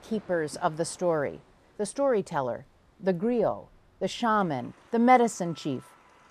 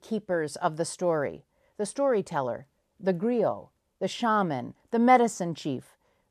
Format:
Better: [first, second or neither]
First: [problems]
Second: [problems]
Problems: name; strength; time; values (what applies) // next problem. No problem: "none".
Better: second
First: train or aircraft noise; faint; throughout; 30 dB below the speech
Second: none